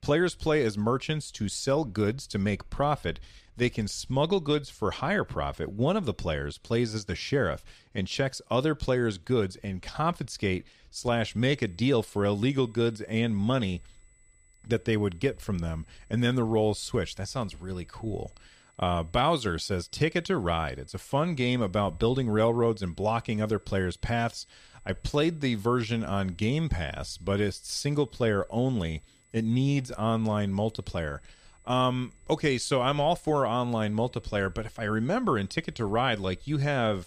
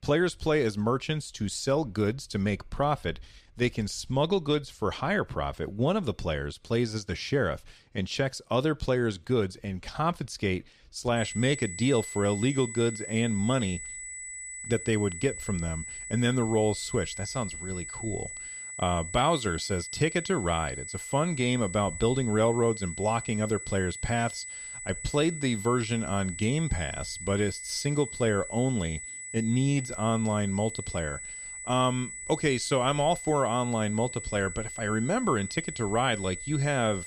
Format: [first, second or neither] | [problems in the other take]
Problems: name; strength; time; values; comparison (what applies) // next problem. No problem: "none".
first | high-pitched whine; loud; from 11 s on; 8 kHz, 9 dB below the speech; faint in the first